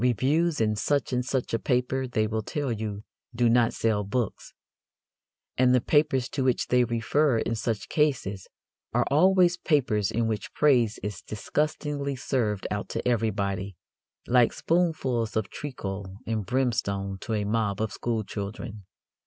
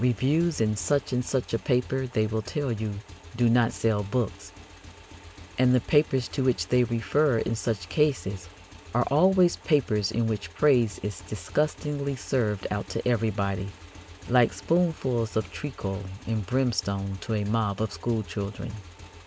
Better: first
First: none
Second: background sound (Motorcycle / Engine); 19 dB below the speech

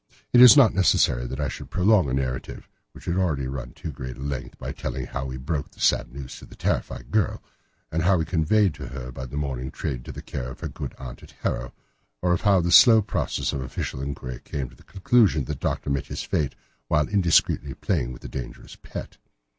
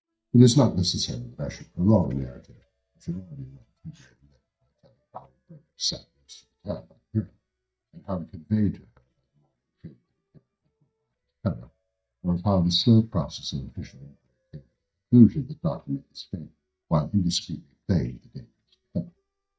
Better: first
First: none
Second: noise reduction (neural mask model DeepFilterNet 3)

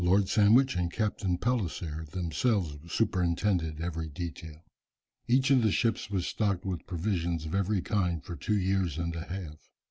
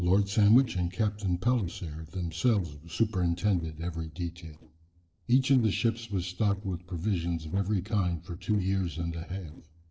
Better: first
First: none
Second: noise reduction (neural separator model SepFormer DNS4)

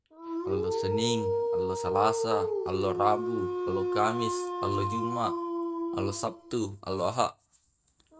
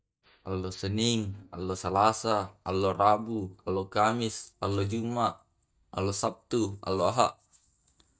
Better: second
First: background sound (Dog); as loud as the speech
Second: none

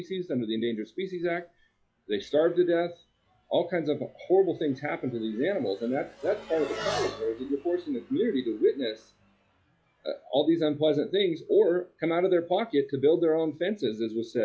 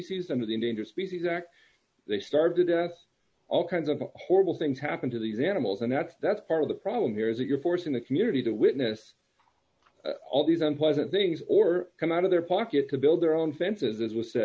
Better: second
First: noise reduction (classical method log-MMSE)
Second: none

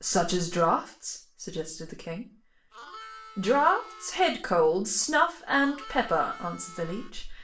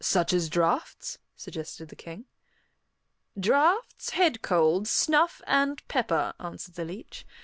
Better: second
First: background sound (Harmonica); 18 dB below the speech // room echo; dies away in 0.3 s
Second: none

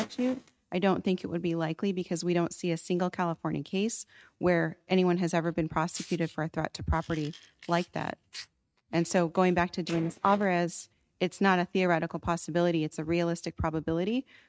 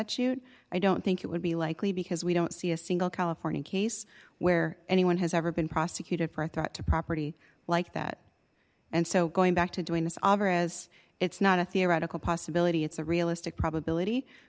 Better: second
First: noise reduction (neural mask model RNNoise)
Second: none

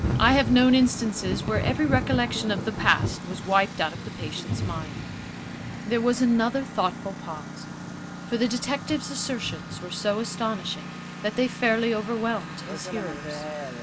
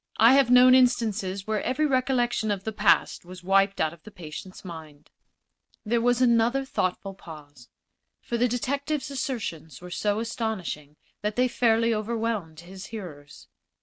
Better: second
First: background sound (Engine + Thunder / Rain); 6 dB below the speech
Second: none

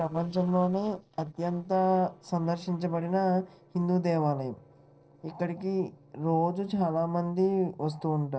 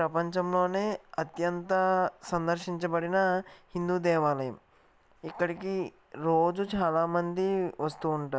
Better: second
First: noise reduction (neural separator model SepFormer DNS4)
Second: none

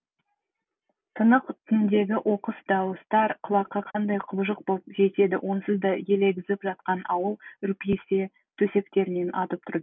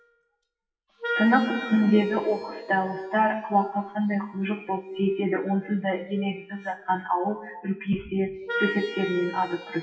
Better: first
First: none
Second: noise reduction (classical method WPE with log-MMSE)

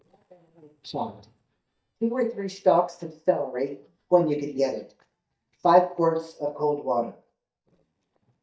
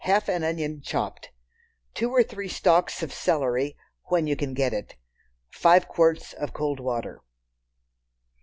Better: second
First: noise reduction (neural mask model DeepFilterNet 3)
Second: none

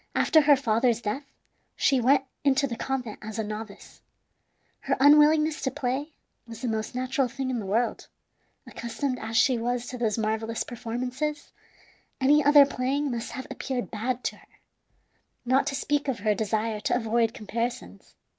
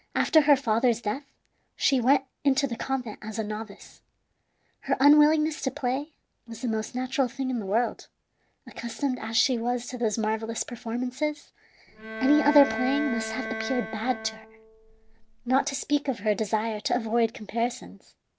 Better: first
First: none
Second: background sound (Bowed string instrument); 8 dB below the speech

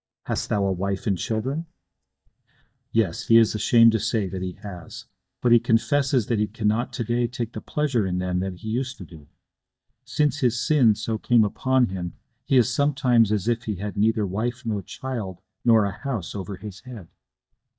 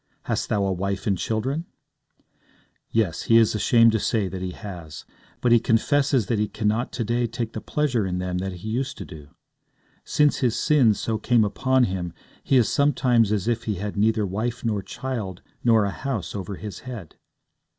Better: second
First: noise reduction (neural mask model DeepFilterNet 3)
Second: none

